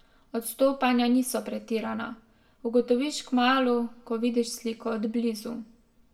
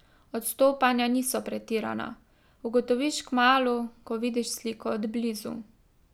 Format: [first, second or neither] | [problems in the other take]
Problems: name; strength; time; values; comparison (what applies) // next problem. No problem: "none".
second | room echo; dies away in 0.4 s